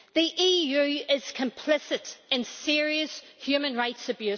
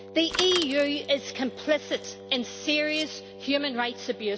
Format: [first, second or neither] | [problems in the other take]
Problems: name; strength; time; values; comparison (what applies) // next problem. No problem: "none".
first | background sound (Bicycle + Wind instrument, woodwind instrument); 12 dB below the speech